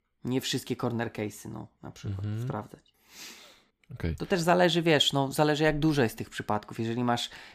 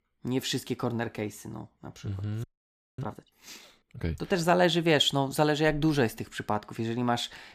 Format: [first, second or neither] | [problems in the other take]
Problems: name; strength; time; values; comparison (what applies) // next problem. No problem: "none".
first | audio freezing; at 2.5 s for 0.5 s